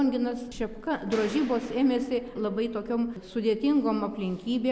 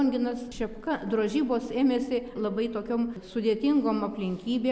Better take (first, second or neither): second